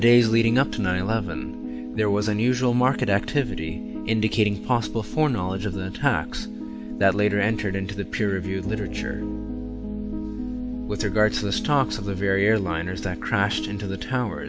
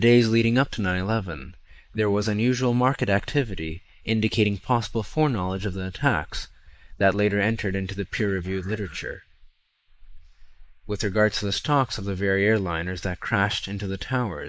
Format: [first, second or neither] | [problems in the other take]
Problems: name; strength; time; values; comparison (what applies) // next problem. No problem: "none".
first | noise reduction (neural mask model Resemble Enhance denoiser)